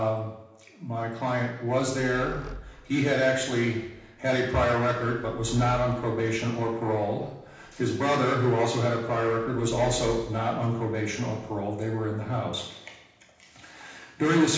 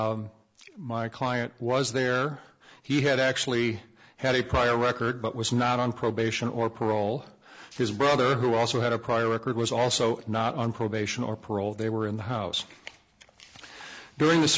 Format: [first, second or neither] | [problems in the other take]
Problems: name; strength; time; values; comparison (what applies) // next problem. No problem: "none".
second | background sound (Squeak); 18 dB below the speech // room echo; dies away in 0.9 s